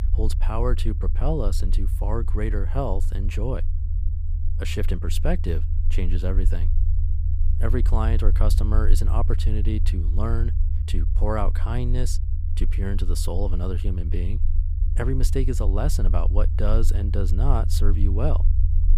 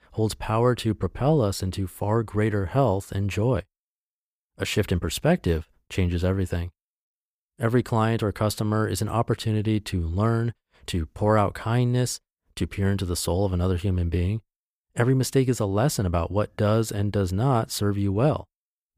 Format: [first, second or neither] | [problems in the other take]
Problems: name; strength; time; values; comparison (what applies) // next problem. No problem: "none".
second | low rumble; noticeable; throughout; 10 dB below the speech